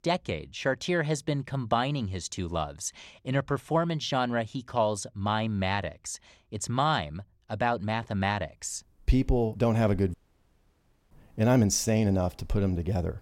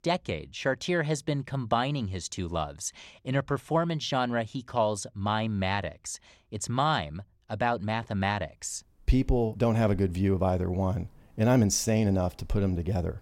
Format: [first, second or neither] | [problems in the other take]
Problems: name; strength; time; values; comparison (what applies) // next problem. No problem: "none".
second | audio cutting out; at 10 s for 1 s